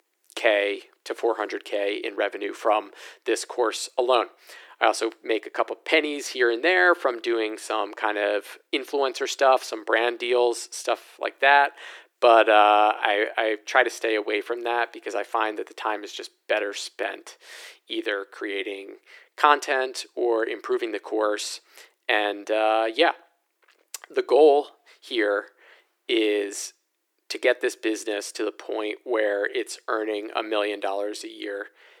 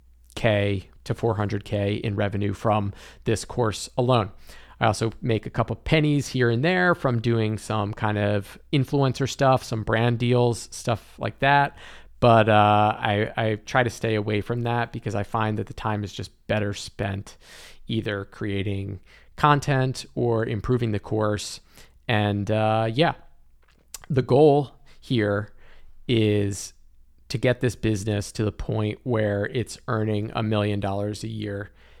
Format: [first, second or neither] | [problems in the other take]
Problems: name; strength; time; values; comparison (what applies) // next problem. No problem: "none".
second | thin; very; fading below 350 Hz